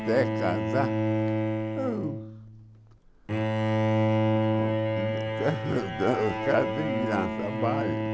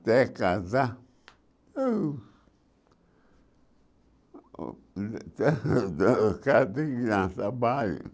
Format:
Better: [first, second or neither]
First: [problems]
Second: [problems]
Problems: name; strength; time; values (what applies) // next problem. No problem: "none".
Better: second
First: background sound (Bowed string instrument); 3 dB above the speech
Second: none